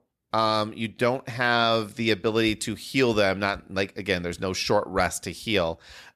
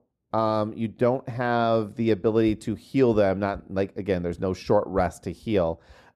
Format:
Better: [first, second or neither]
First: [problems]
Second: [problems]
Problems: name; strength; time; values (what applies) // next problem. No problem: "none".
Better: first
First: none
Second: muffled; slightly; fading above 1.5 kHz